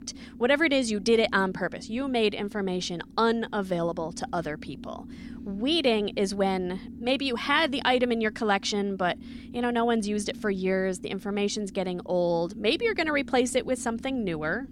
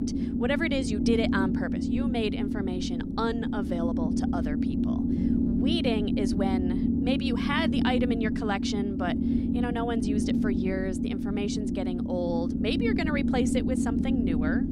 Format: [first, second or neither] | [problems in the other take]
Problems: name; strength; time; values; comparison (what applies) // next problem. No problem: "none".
first | low rumble; loud; throughout; 1 dB below the speech; faint in the first